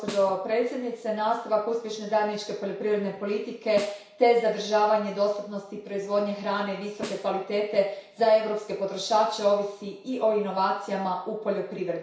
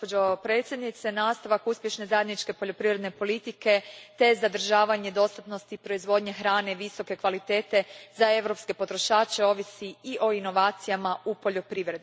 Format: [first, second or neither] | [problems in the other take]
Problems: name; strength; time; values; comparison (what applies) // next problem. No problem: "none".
second | background sound (Snare drum); 18 dB below the speech // room echo; dies away in 0.6 s